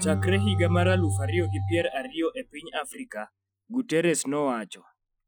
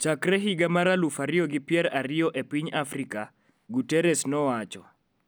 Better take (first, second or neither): second